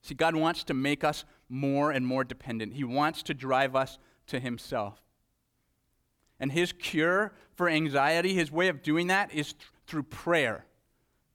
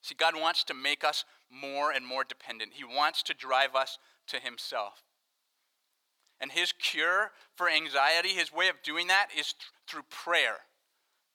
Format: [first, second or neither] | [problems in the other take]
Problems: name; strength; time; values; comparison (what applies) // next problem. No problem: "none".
first | thin; very; fading below 850 Hz